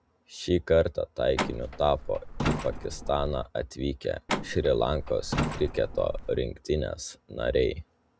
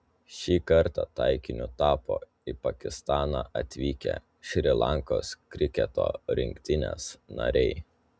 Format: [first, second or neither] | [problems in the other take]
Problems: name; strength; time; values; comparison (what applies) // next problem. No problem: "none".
second | background sound (Truck); 5 dB below the speech